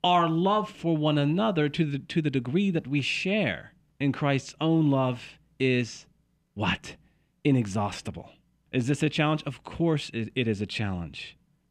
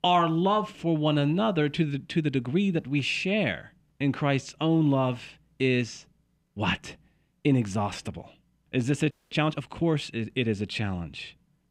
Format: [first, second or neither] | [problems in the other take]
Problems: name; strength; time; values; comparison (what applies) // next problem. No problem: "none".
first | audio freezing; at 9 s